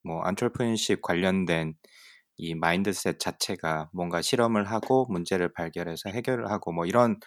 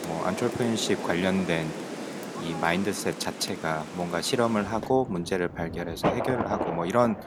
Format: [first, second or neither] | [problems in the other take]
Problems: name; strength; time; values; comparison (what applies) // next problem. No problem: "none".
first | rain or running water; loud; throughout; 6 dB below the speech